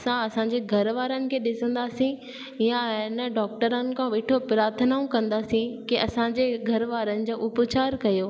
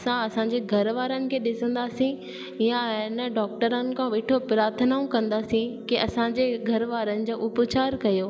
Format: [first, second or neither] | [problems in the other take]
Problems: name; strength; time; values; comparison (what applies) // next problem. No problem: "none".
first | background sound (Organ); 18 dB below the speech